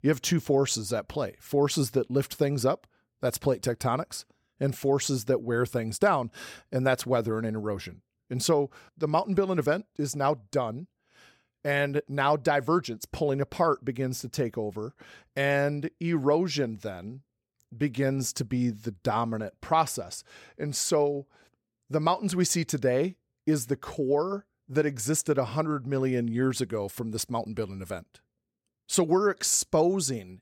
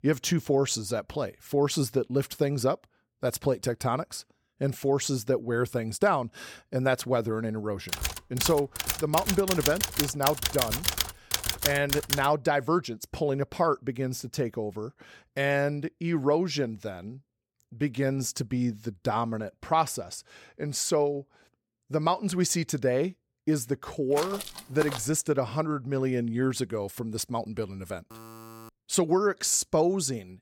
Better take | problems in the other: first | keyboard typing; loud; from 8 to 12 s; peak 2 dB above the speech // footsteps; noticeable; at 24 s; peak 7 dB below the speech // alarm; faint; at 28 s; peak 15 dB below the speech

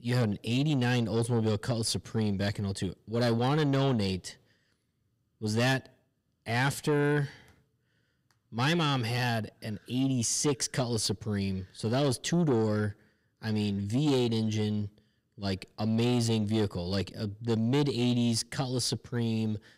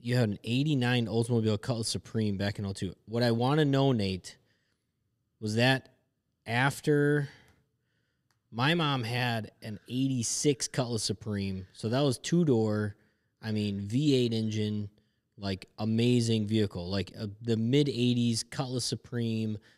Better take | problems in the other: second | distortion; slight; 10 dB below the speech

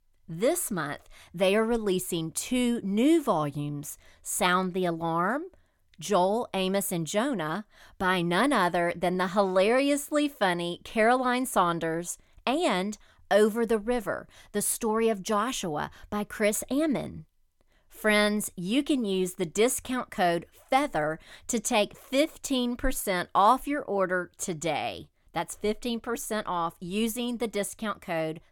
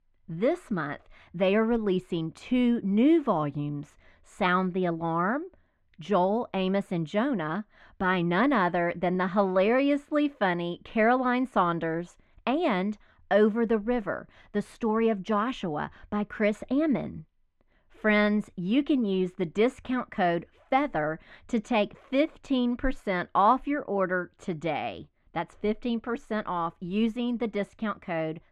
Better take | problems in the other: first | muffled; very; fading above 2.5 kHz

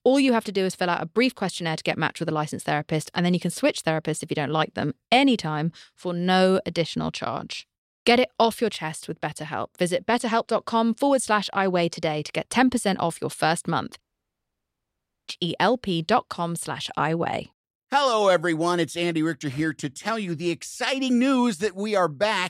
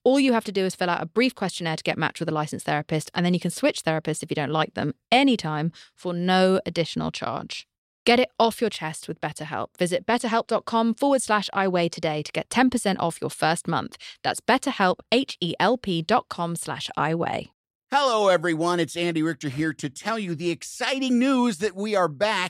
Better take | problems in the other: second | audio cutting out; at 14 s for 1.5 s

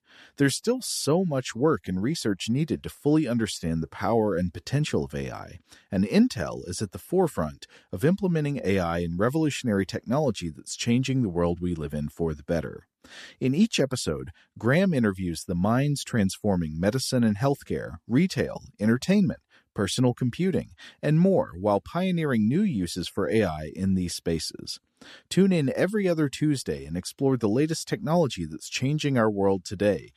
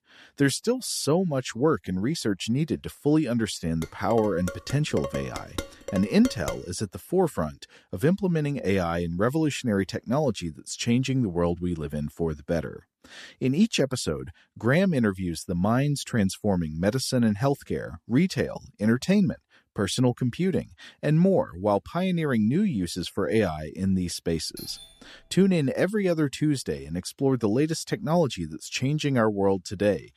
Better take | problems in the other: first | clattering dishes; noticeable; from 4 to 6.5 s; peak 8 dB below the speech // doorbell; faint; at 25 s; peak 15 dB below the speech

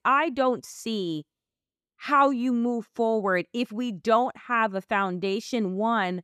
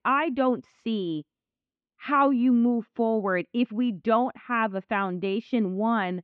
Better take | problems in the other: first | muffled; slightly; fading above 3 kHz

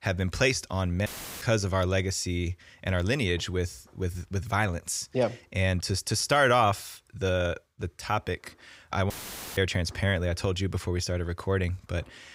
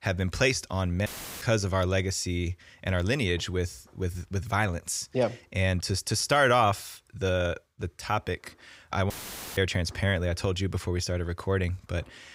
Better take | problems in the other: neither | audio cutting out; filled with static; at 1 s and at 9 s; the same in both

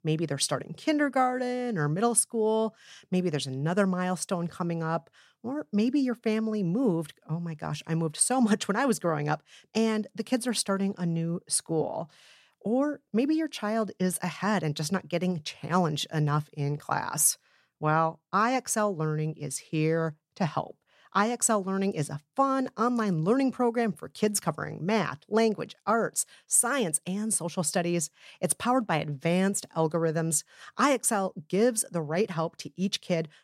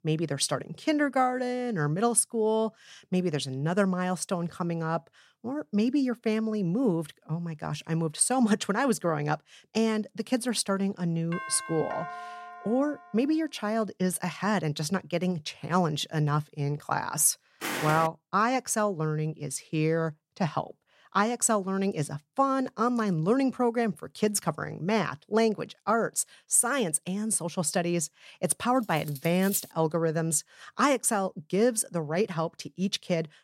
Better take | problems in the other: first | doorbell; noticeable; from 11 to 13 s; peak 9 dB below the speech // footsteps; noticeable; at 18 s; peak 3 dB below the speech // clattering dishes; noticeable; at 29 s; peak 6 dB below the speech

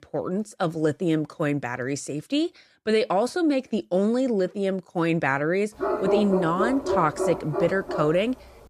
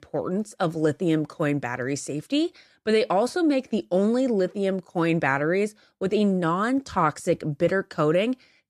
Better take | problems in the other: second | dog barking; noticeable; from 6 s on; peak level with the speech

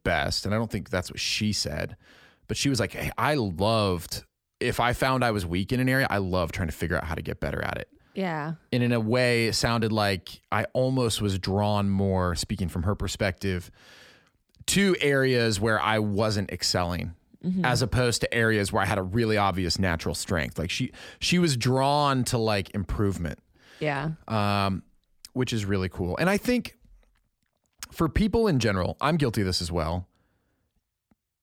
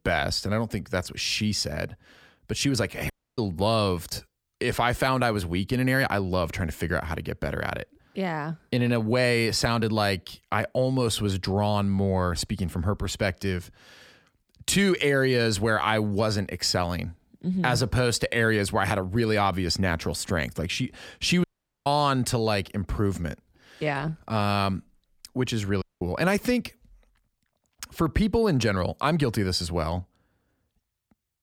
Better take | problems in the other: first | audio cutting out; at 3 s, at 21 s and at 26 s

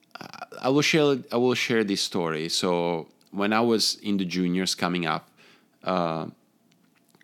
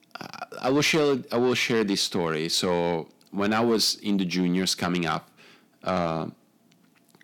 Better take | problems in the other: first | distortion; slight; 10 dB below the speech

